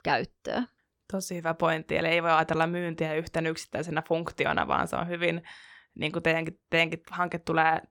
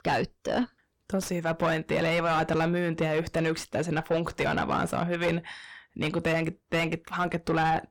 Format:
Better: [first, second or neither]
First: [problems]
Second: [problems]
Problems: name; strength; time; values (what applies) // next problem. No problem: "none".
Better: first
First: none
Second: distortion; heavy; 5 dB below the speech